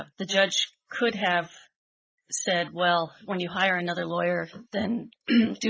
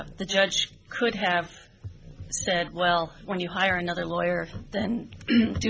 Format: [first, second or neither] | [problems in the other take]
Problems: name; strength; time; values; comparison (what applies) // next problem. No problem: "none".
second | noise reduction (neural mask model Resemble Enhance denoiser)